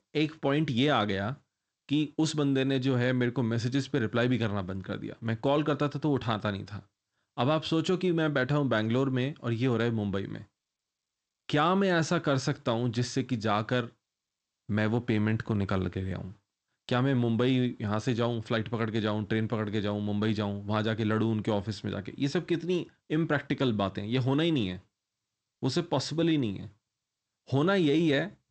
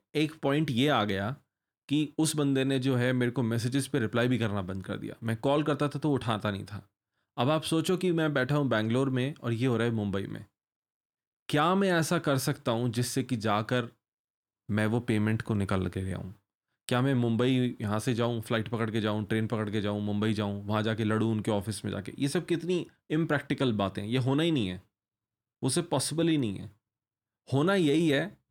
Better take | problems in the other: second | garbled, watery; slightly; nothing above 8 kHz

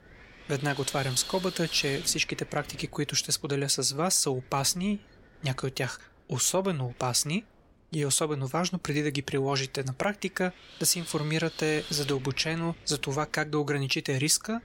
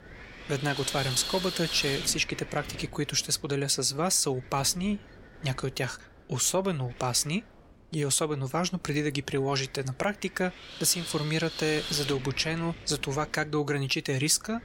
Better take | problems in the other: first | wind noise on the microphone; heavy; 7 dB below the speech; occasional gusts in the first

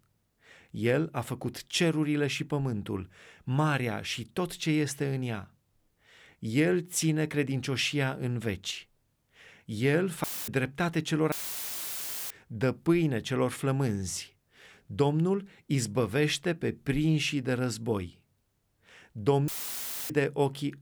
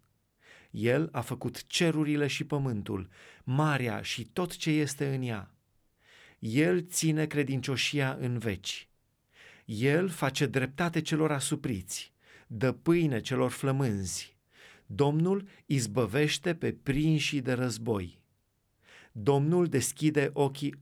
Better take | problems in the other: second | audio cutting out; filled with static; at 10 s, at 11 s for 1 s and at 19 s for 0.5 s

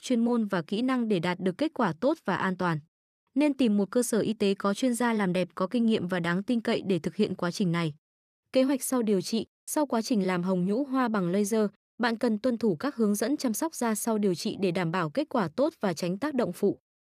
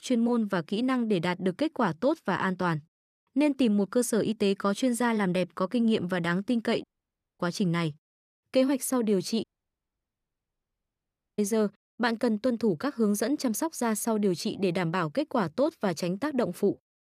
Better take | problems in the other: first | audio cutting out; at 7 s for 0.5 s and at 9.5 s for 2 s

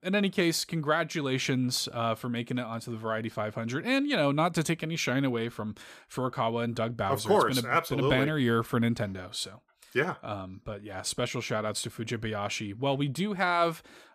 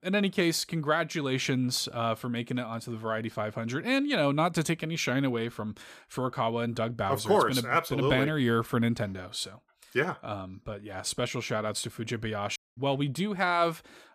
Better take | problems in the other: first | audio cutting out; at 13 s

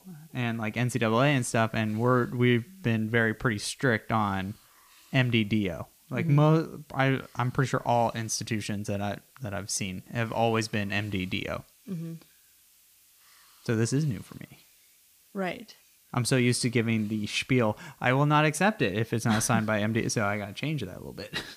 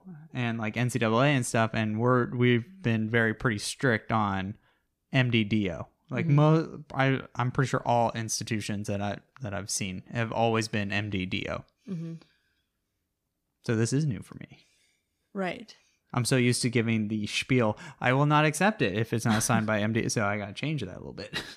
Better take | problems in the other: second | hiss; faint; throughout; 30 dB below the speech

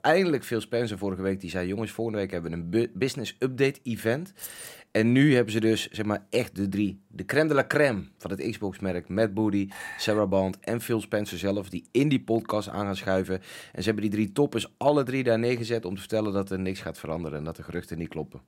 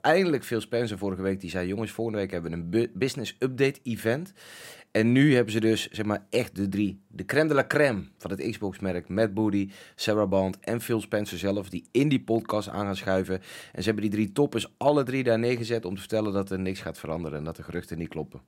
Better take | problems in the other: second | jangling keys; faint; at 4.5 s; peak 10 dB below the speech // clattering dishes; faint; at 9.5 s; peak 10 dB below the speech

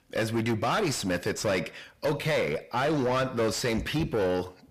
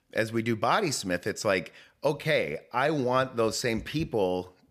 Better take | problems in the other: second | distortion; heavy; 7 dB below the speech

